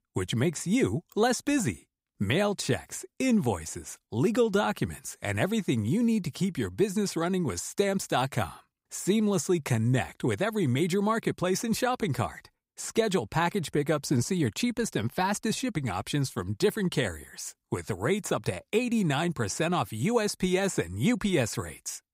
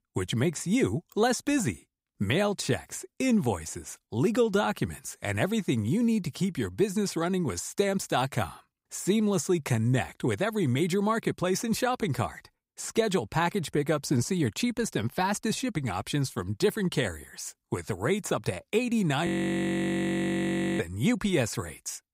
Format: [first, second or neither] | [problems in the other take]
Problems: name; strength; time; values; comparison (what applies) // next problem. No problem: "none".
first | audio freezing; at 19 s for 1.5 s